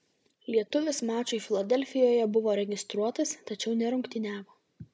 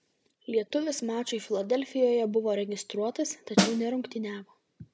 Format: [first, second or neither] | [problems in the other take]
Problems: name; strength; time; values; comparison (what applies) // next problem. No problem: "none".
first | background sound (Snare drum); 3 dB above the speech